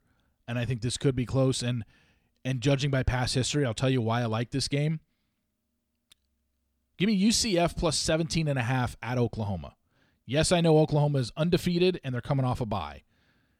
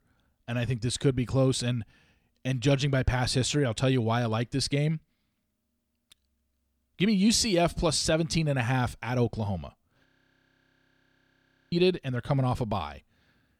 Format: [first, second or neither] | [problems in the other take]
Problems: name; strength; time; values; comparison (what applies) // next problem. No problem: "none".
first | audio freezing; at 10 s for 1.5 s